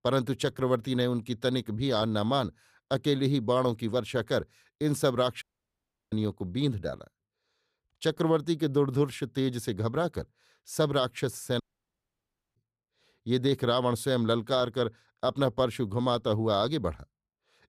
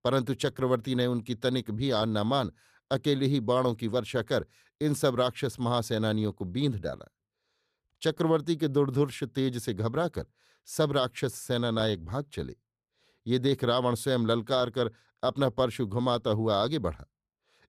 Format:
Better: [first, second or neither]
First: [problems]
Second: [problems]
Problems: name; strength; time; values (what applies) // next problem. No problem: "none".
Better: second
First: audio cutting out; at 5.5 s for 0.5 s and at 12 s for 1 s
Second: none